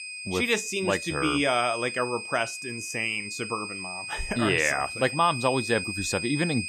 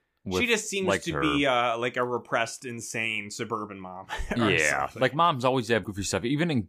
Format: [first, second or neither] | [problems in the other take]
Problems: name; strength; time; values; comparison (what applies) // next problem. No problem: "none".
second | high-pitched whine; loud; throughout; 2.5 kHz, 7 dB below the speech